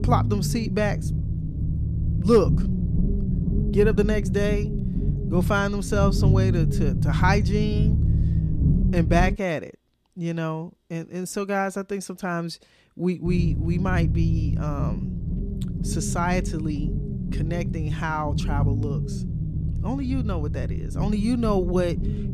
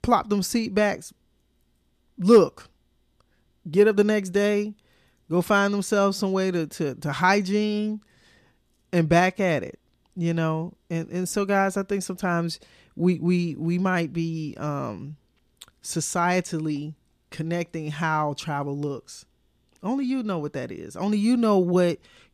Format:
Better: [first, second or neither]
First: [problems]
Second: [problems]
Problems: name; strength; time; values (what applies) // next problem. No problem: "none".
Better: second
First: low rumble; loud; until 9.5 s and from 13 s on; 8 dB below the speech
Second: none